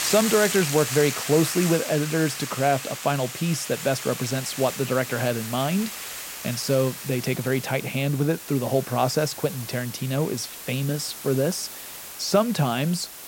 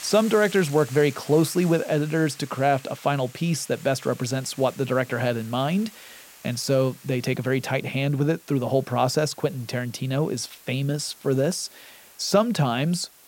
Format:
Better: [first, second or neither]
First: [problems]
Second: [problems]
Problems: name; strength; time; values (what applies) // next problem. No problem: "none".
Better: second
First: hiss; loud; throughout; 7 dB below the speech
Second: hiss; faint; throughout; 20 dB below the speech